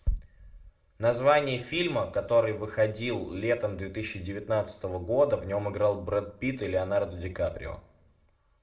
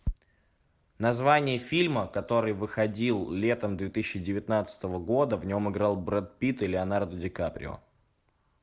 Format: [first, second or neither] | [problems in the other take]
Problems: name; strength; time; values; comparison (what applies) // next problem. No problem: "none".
second | room echo; dies away in 0.4 s